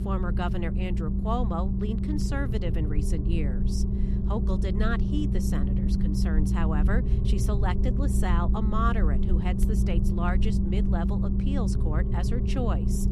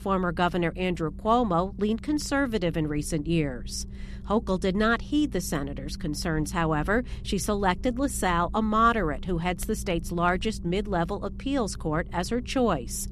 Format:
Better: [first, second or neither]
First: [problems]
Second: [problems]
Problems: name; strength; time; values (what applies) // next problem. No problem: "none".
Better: second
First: low rumble; loud; throughout; 3 dB below the speech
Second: low rumble; faint; throughout; 25 dB below the speech